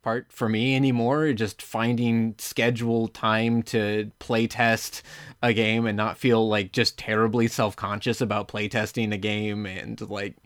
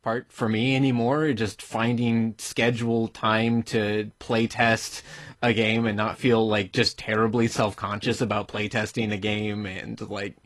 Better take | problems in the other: first | garbled, watery; slightly; nothing above 11.5 kHz

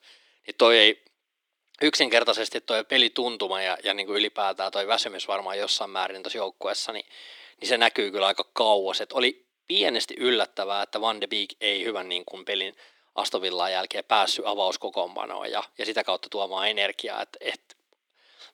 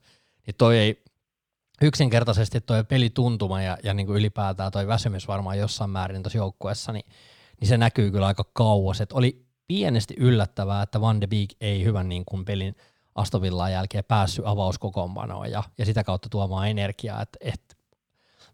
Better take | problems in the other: second | thin; very; fading below 300 Hz

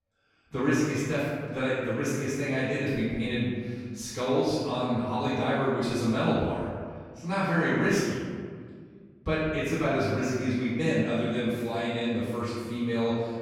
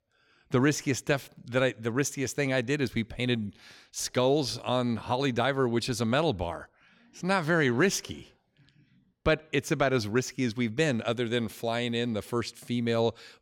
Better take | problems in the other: second | off-mic speech; far // room echo; strong; dies away in 1.7 s

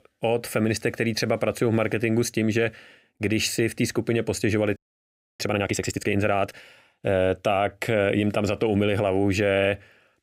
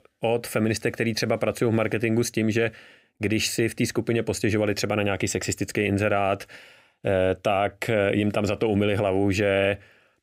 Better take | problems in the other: second | audio freezing; at 5 s for 0.5 s

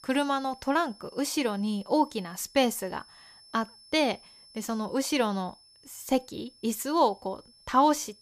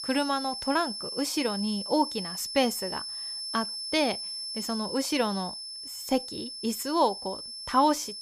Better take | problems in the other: first | high-pitched whine; loud; throughout; 5.5 kHz, 5 dB below the speech; faint in the first

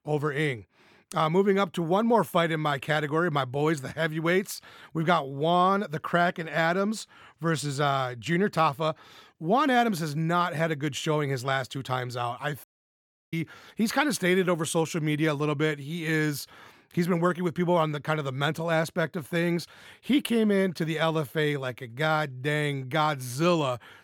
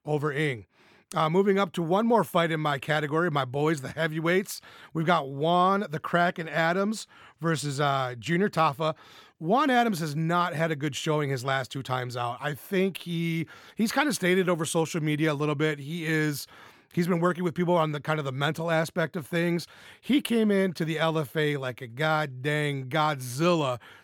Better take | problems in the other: second | audio cutting out; at 13 s for 0.5 s

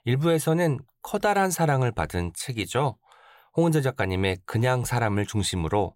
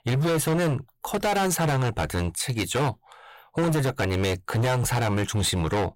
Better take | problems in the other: first | distortion; heavy; 25% of the sound clipped

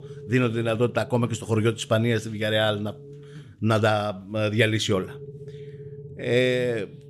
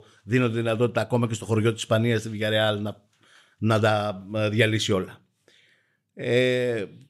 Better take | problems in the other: second | low rumble; faint; throughout; 20 dB below the speech

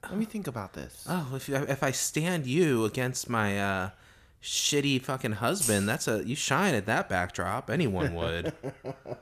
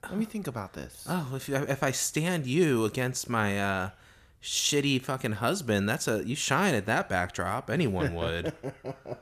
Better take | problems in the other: second | jangling keys; noticeable; at 5.5 s; peak level with the speech

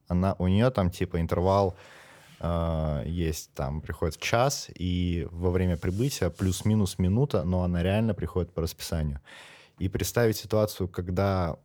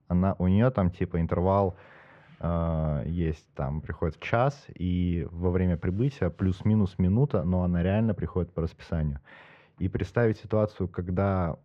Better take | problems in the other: first | muffled; very; fading above 2 kHz

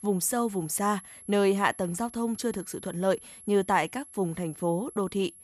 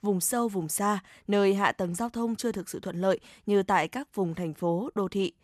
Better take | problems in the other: second | high-pitched whine; noticeable; throughout; 11 kHz, 15 dB below the speech

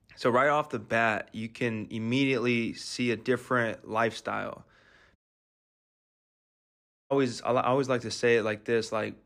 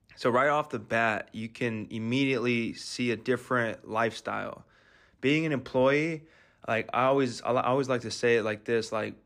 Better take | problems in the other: second | audio cutting out; at 5 s for 2 s

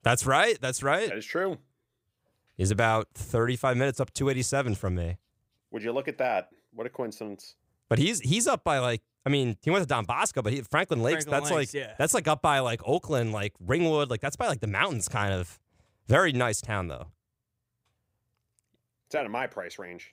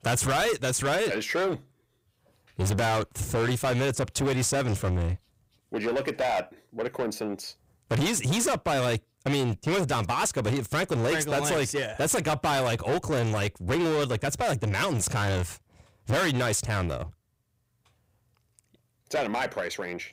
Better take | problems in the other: first | distortion; heavy; 6 dB below the speech

